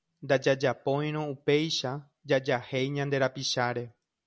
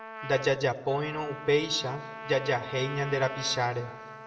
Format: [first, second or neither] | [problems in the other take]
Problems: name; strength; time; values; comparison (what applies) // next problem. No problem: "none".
first | background sound (Trumpet); 12 dB below the speech // room echo; dies away in 1.2 s